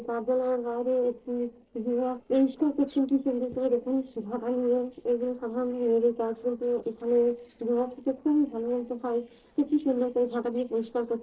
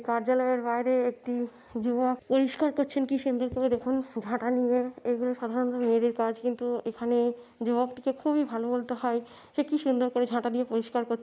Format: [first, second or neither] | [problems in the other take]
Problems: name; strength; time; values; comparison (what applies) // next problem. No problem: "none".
second | noise reduction (neural separator model SepFormer DNS4)